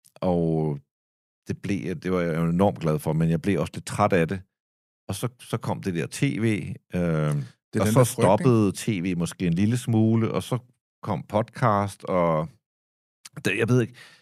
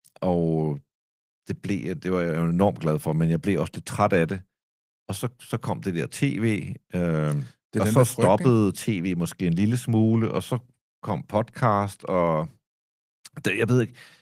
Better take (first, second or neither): first